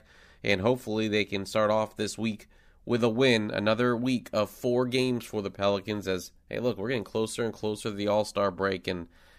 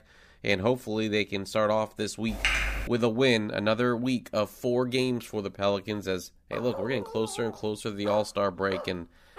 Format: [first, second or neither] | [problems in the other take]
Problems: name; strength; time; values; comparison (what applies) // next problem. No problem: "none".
first | keyboard typing; loud; at 2.5 s; peak 3 dB above the speech // dog barking; noticeable; from 6.5 s on; peak 9 dB below the speech